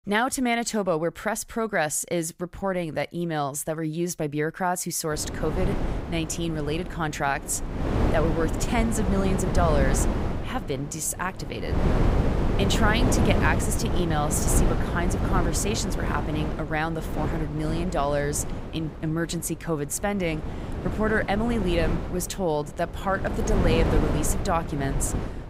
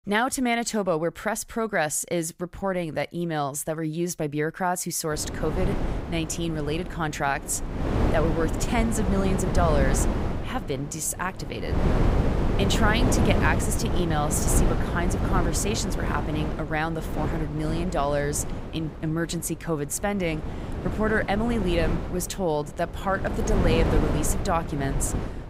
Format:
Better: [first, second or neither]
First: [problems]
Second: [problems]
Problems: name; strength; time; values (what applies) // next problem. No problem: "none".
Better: neither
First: wind noise on the microphone; heavy; from 5 s on; 5 dB below the speech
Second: wind noise on the microphone; heavy; from 5 s on; 5 dB below the speech